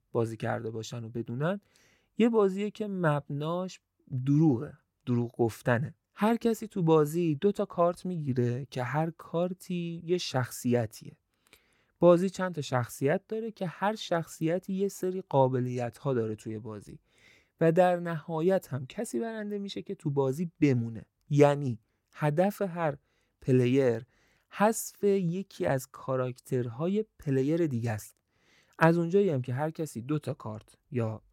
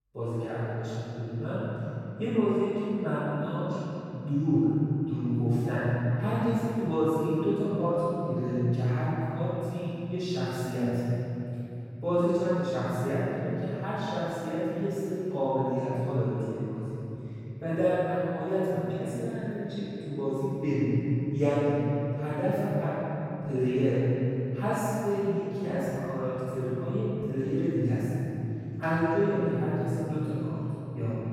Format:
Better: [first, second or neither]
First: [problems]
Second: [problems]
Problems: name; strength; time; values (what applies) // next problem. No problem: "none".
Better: first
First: none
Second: off-mic speech; far // room echo; strong; dies away in 3 s